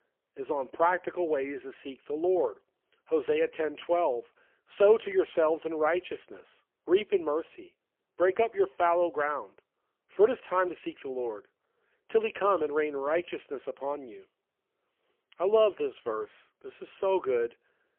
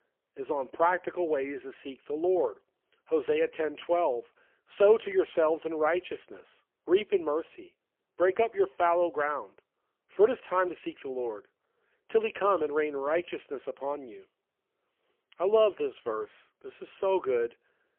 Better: neither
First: phone-call audio; poor line; nothing above 3 kHz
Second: phone-call audio; poor line; nothing above 3 kHz

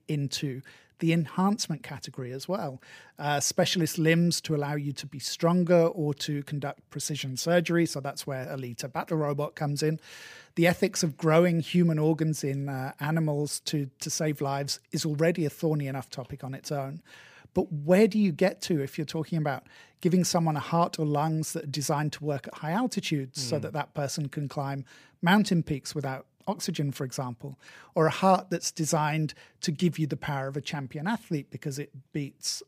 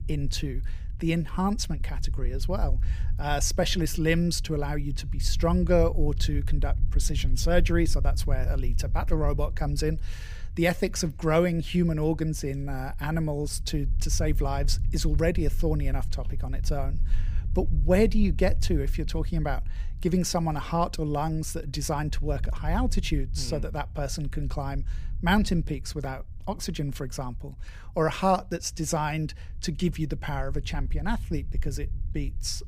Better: first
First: none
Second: low rumble; faint; throughout; 20 dB below the speech

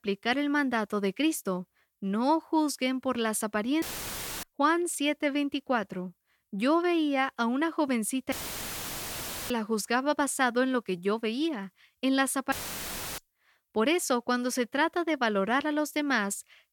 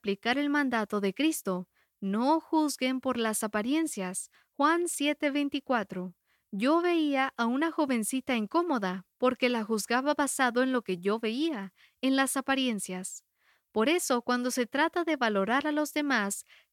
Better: second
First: audio cutting out; filled with static; at 4 s for 0.5 s, at 8.5 s for 1 s and at 13 s for 0.5 s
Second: none

